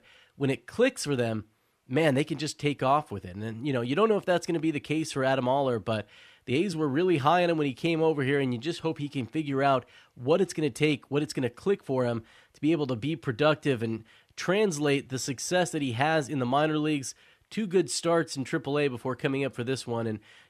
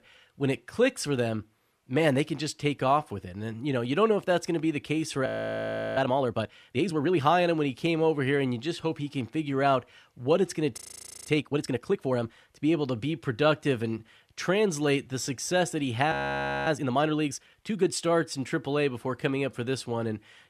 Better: first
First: none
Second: audio freezing; at 5.5 s for 0.5 s, at 11 s for 0.5 s and at 16 s for 0.5 s

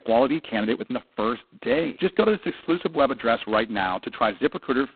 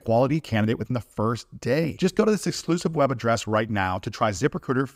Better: second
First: phone-call audio; poor line; nothing above 4 kHz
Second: none

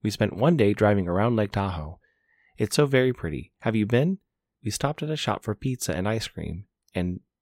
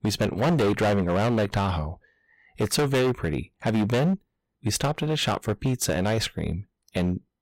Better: first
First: none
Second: distortion; heavy; 14% of the sound clipped

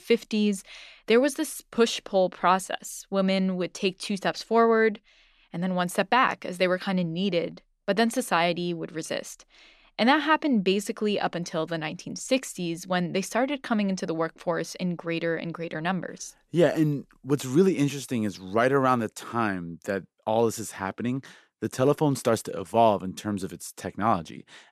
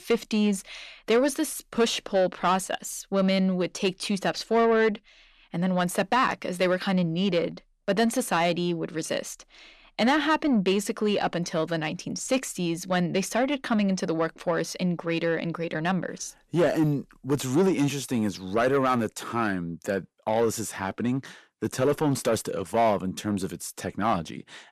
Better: first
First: none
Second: distortion; slight; 10 dB below the speech

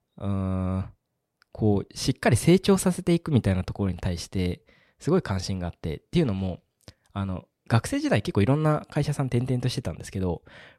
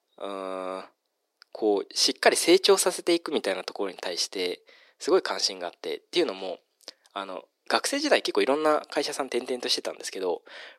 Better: first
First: none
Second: thin; very; fading below 350 Hz

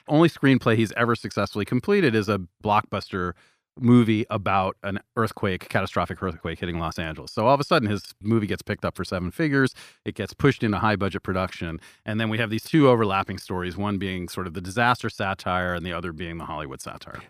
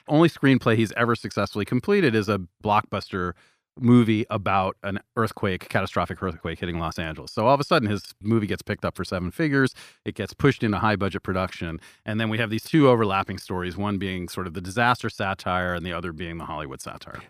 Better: neither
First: none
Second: none

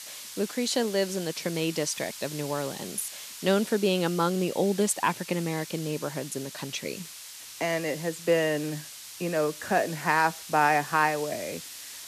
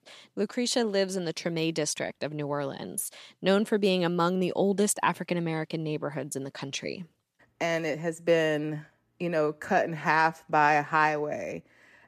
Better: second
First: hiss; noticeable; throughout; 10 dB below the speech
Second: none

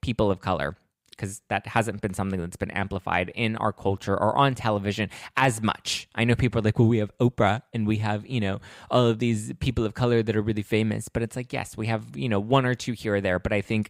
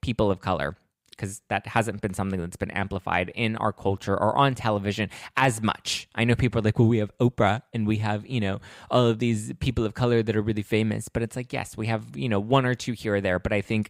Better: neither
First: none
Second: none

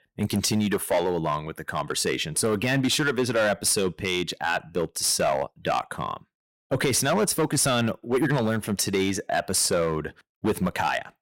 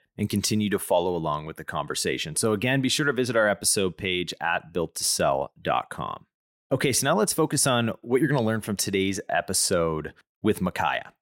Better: second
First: distortion; slight; 8% of the sound clipped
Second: none

